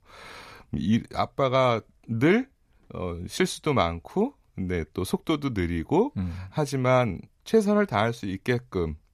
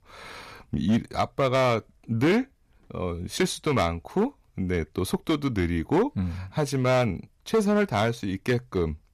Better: first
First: none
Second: distortion; slight; 5% of the sound clipped

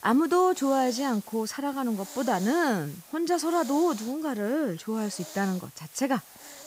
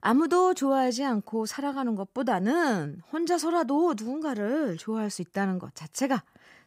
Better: second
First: hiss; noticeable; throughout; 15 dB below the speech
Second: none

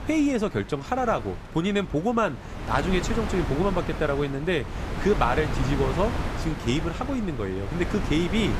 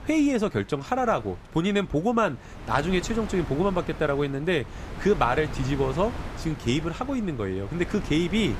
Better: second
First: wind noise on the microphone; heavy; 8 dB below the speech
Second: wind noise on the microphone; occasional gusts; 15 dB below the speech

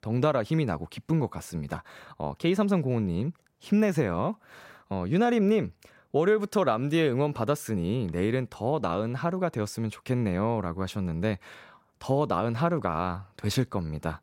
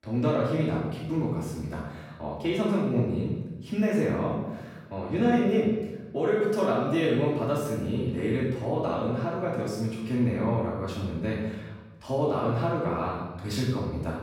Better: first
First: none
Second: off-mic speech; far // room echo; noticeable; dies away in 1 s

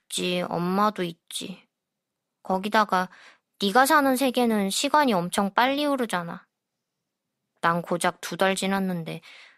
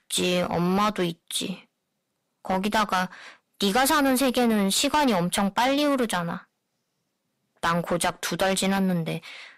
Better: first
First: none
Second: distortion; heavy; 6 dB below the speech

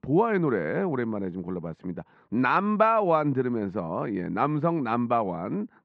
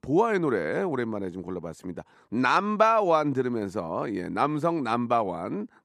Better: second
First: muffled; slightly; fading above 3 kHz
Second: none

